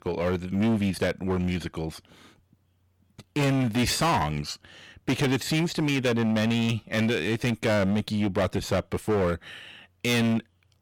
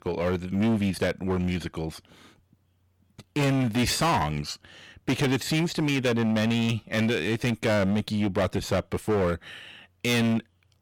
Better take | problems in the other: neither | distortion; heavy; 14% of the sound clipped; the same in both

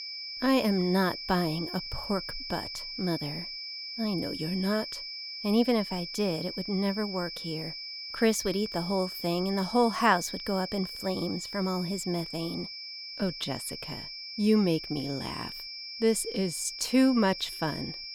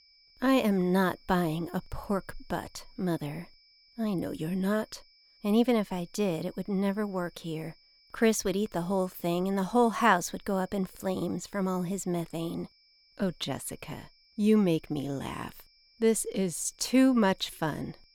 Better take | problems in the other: second | high-pitched whine; loud; throughout; 5.5 kHz, 7 dB below the speech; faint in the second

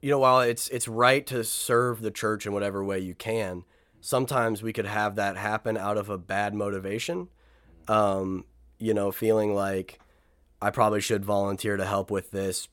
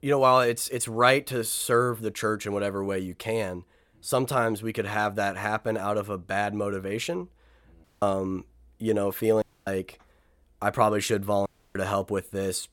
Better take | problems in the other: first | audio cutting out; at 8 s, at 9.5 s and at 11 s

